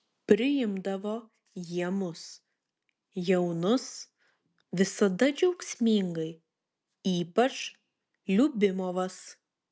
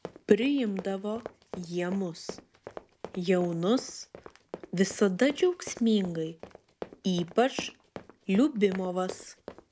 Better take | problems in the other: first | background sound (Run); 16 dB below the speech

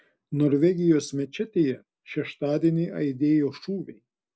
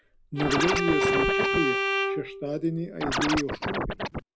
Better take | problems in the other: first | background sound (Bowed string instrument + Scratching (performance technique)); 3 dB above the speech

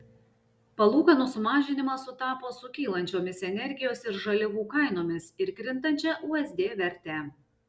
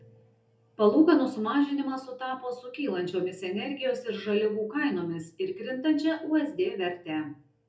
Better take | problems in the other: first | room echo; dies away in 0.3 s

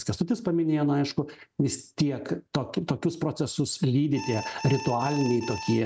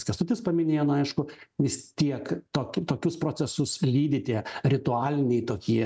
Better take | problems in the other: second | background sound (Alarm); 11 dB below the speech

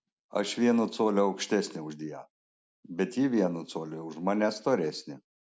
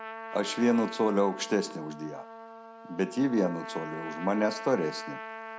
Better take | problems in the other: first | background sound (Trumpet); 11 dB below the speech

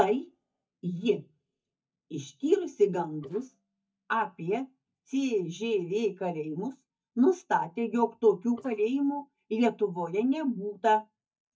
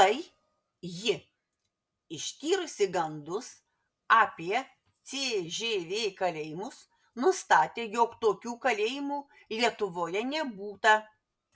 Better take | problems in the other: second | noise reduction (neural mask model DeepFilterNet 3)

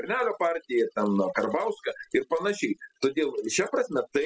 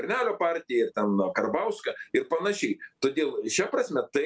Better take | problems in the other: second | noise reduction (classical method spectral subtraction)

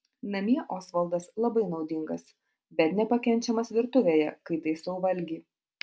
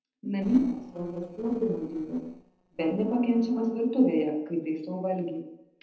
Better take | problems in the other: first | noise reduction (neural separator model SepFormer DNS4)

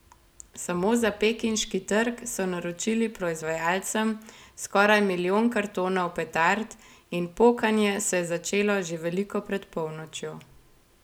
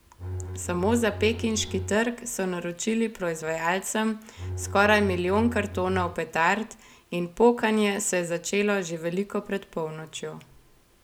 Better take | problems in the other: first | background sound (Bowed string instrument); 8 dB below the speech

